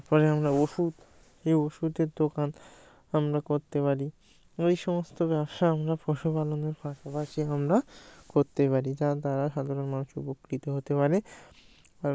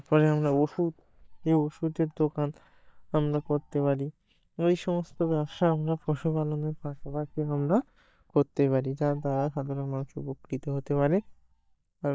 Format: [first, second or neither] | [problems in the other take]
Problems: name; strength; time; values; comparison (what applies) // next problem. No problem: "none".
first | noise reduction (neural mask model DeepFilterNet 3)